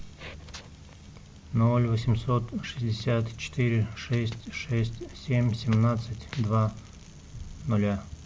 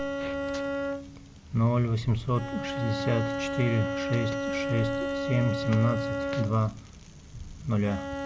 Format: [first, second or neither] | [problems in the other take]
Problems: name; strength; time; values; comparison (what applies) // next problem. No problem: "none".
first | background sound (Bowed string instrument); 4 dB below the speech